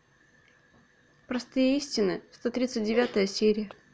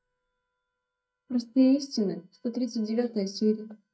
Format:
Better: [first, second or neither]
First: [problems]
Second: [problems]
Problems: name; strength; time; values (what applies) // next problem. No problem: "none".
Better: first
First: none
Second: noise reduction (neural mask model DeepFilterNet 3)